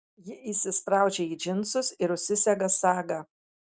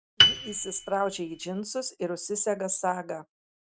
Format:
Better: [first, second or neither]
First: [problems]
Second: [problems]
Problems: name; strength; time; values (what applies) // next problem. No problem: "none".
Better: first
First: none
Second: background sound (Piano); 5 dB above the speech